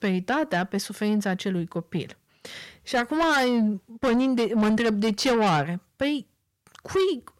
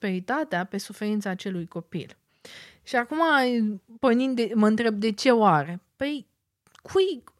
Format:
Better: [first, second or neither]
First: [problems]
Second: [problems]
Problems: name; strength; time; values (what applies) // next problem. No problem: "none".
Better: second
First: distortion; heavy; 8 dB below the speech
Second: none